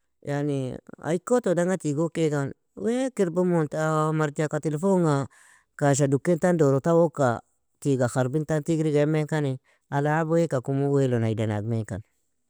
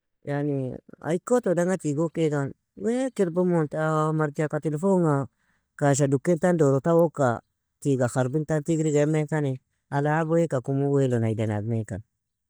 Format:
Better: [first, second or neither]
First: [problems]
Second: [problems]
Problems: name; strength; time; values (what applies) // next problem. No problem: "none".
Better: first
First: none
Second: noise reduction (neural mask model DeepFilterNet 3)